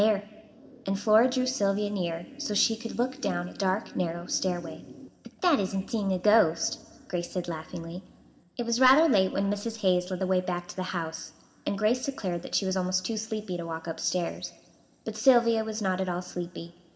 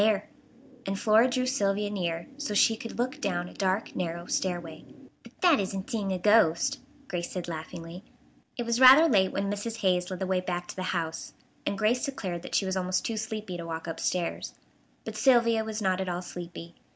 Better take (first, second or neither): second